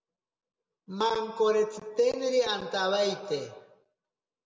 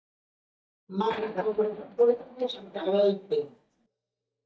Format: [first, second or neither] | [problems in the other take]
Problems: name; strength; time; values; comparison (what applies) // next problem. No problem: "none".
first | noise reduction (neural mask model DeepFilterNet 3)